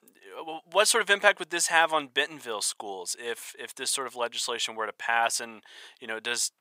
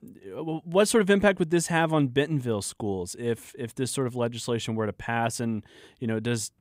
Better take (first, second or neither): second